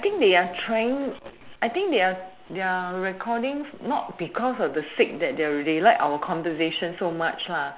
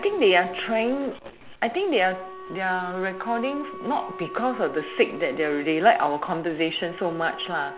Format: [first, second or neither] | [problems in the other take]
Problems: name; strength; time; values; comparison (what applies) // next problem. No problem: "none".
first | background sound (Wind instrument, woodwind instrument); 15 dB below the speech